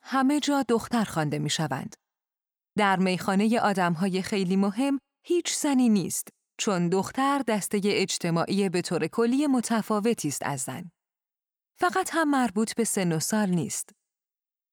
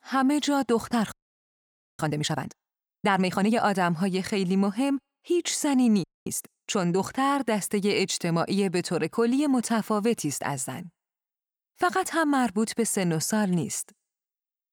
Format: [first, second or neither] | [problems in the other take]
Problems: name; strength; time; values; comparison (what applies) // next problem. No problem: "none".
first | audio freezing; at 1 s for 1 s and at 6 s